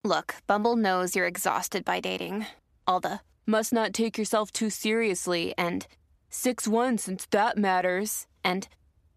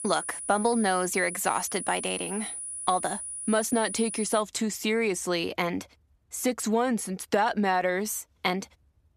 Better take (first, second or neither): first